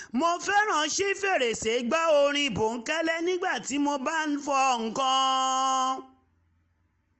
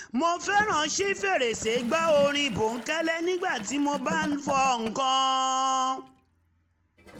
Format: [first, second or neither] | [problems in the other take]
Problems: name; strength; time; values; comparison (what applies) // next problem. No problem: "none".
first | background sound (Toilet flush / Gurgling); 15 dB below the speech